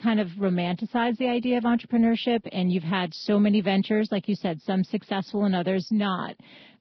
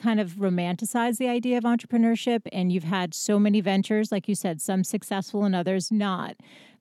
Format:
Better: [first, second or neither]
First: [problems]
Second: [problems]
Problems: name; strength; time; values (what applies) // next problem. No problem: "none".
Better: second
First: garbled, watery; badly; nothing above 5.5 kHz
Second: none